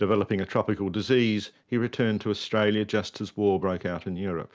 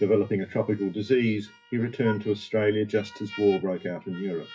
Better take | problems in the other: first | noise reduction (classical method WPE with log-MMSE)

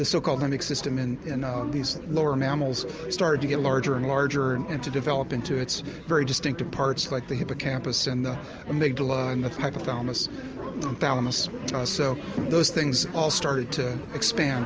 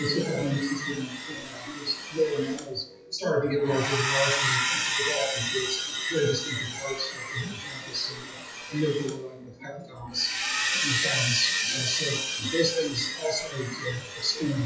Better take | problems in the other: first | noise reduction (classical method WPE with log-MMSE)

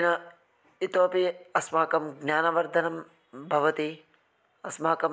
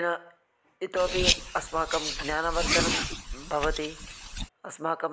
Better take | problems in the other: first | background sound (Car); 1 dB above the speech

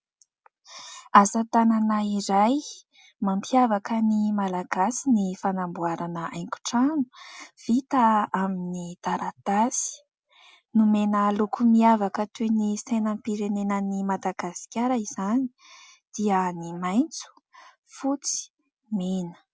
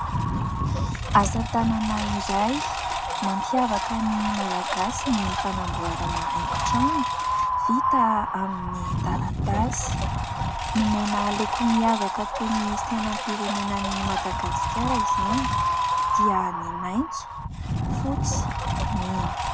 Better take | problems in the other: first | background sound (Engine + Wind); 2 dB above the speech

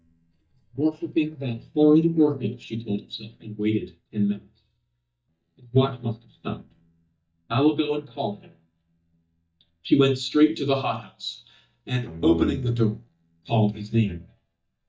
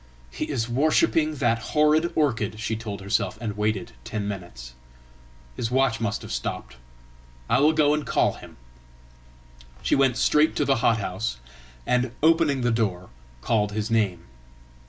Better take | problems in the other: second | noise reduction (neural mask model DeepFilterNet 3)

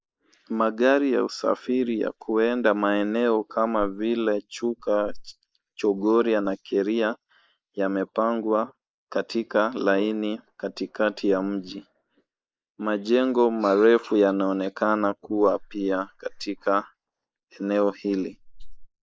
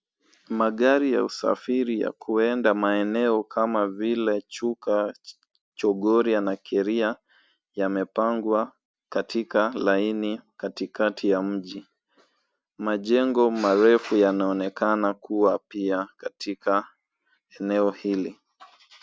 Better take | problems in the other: second | noise reduction (neural mask model Resemble Enhance denoiser)

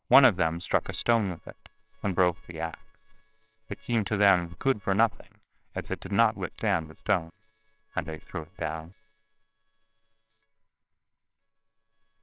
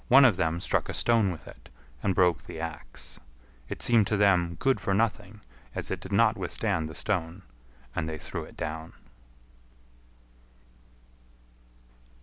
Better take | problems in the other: second | noise reduction (neural separator model SepFormer WHAMR!)

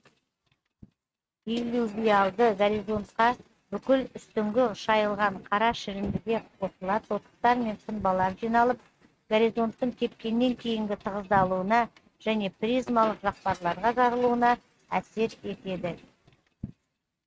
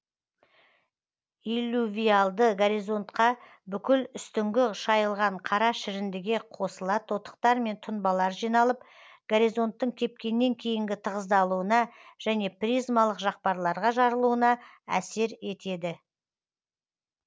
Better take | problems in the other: second | noise reduction (neural mask model RNNoise)

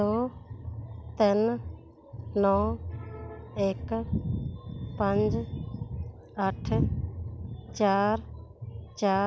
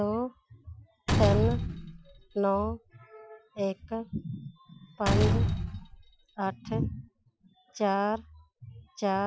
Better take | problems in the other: first | noise reduction (classical method Wiener filter)

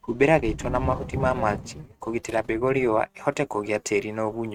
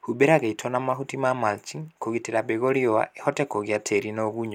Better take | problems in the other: second | noise reduction (neural mask model RNNoise)

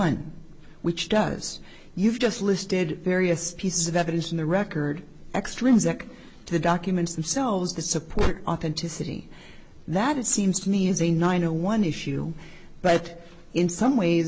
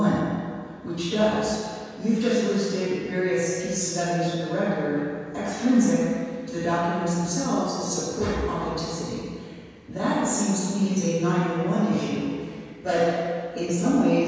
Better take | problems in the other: first | room echo; dies away in 1.9 s

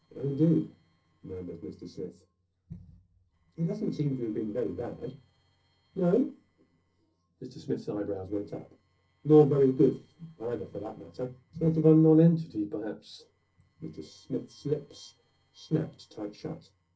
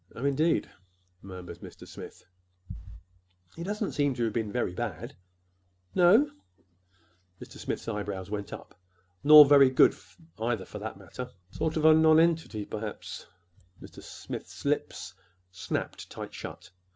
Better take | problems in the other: second | noise reduction (neural separator model SepFormer DNS4)

